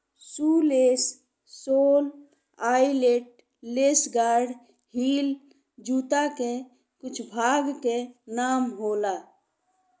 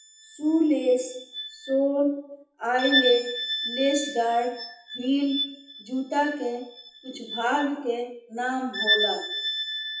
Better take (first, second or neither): first